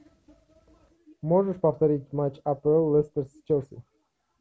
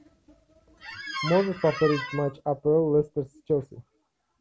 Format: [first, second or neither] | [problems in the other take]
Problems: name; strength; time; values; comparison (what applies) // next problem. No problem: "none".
first | background sound (Squeak); 8 dB below the speech